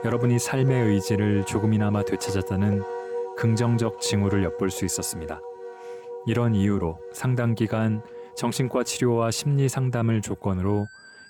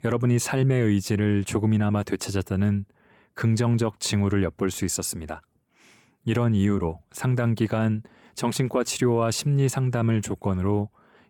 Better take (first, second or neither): second